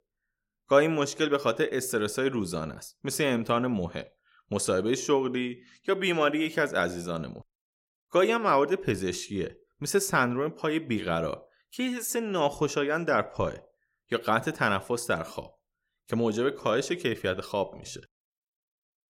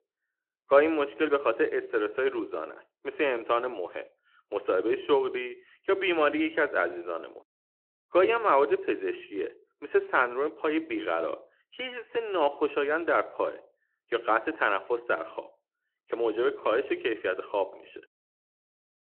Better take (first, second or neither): first